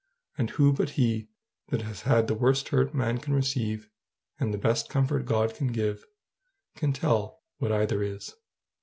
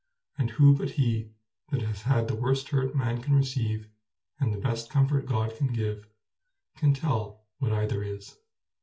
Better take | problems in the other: first | room echo; dies away in 0.2 s

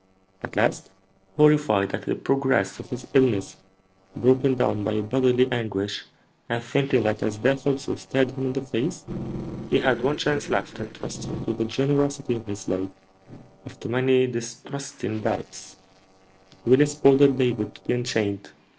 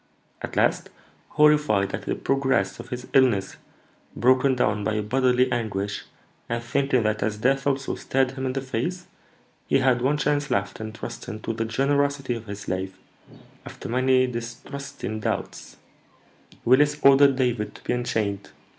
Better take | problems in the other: second | noise reduction (neural separator model SepFormer DNS4)

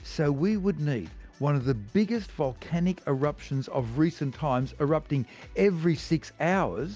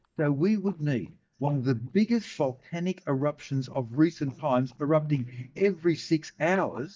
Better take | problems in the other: first | noise reduction (neural mask model DeepFilterNet 3)

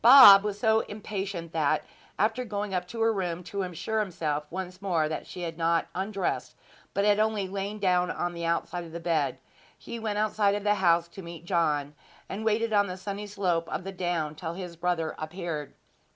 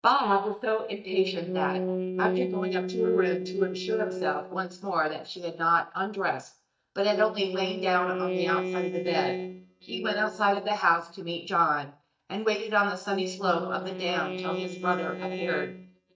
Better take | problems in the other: first | noise reduction (neural mask model DeepFilterNet 3)

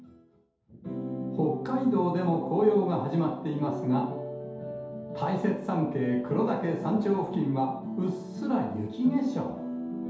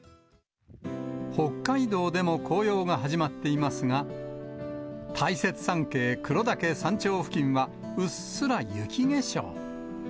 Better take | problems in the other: second | room echo; dies away in 0.8 s

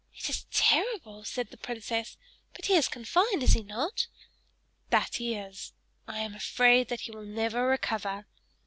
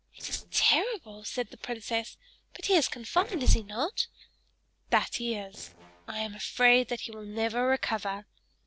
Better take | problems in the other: first | noise reduction (neural separator model SepFormer DNS4)

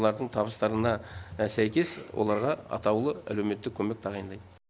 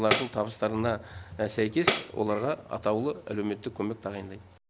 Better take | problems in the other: first | background sound (Tambourine); 4 dB below the speech

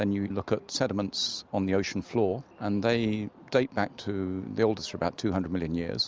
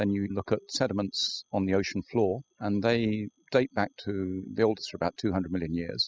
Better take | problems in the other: first | noise reduction (classical method spectral subtraction)

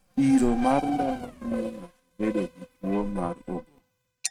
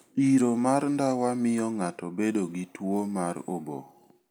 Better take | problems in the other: second | noise reduction (neural mask model RNNoise)

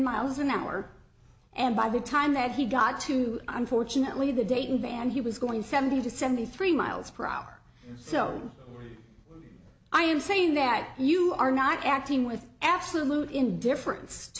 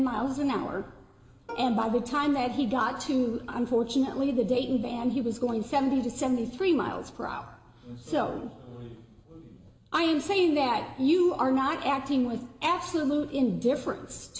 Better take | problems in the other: first | background sound (Plucked string instrument); 18 dB below the speech // room echo; dies away in 1.5 s

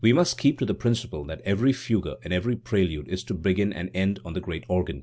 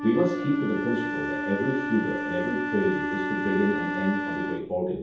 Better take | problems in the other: first | background sound (Wind instrument, woodwind instrument); 3 dB below the speech // room echo; dies away in 0.7 s

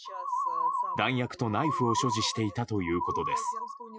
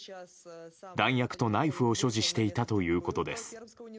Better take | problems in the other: second | noise reduction (classical method Wiener filter)

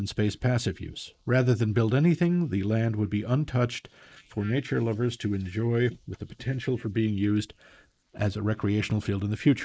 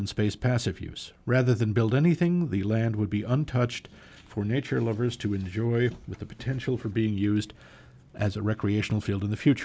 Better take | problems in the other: second | noise reduction (neural mask model Resemble Enhance denoiser)

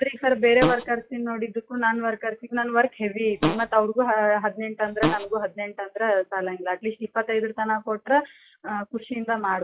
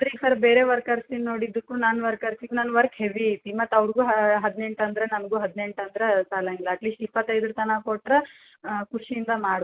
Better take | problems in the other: second | noise reduction (classical method log-MMSE)

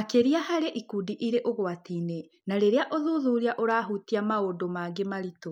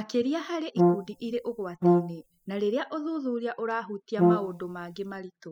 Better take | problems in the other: first | noise reduction (classical method spectral subtraction)

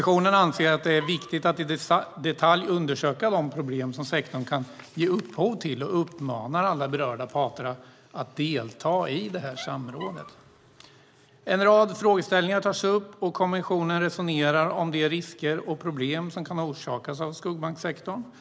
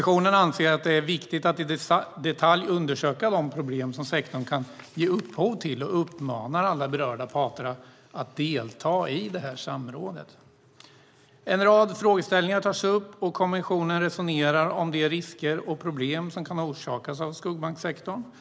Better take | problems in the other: second | background sound (Squeak); 19 dB below the speech

